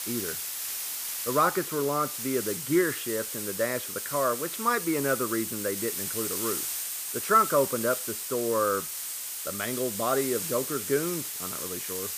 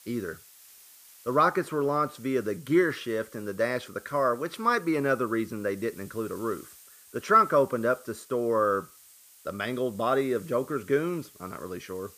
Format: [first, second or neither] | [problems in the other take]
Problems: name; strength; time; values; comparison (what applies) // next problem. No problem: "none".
second | hiss; loud; throughout; 3 dB below the speech; faint in the second